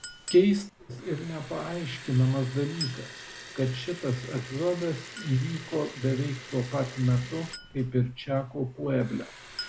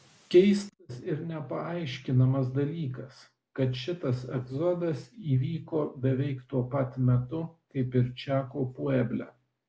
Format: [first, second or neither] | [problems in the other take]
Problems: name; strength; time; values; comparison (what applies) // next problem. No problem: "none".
second | background sound (Chink, clink + Liquid); 14 dB below the speech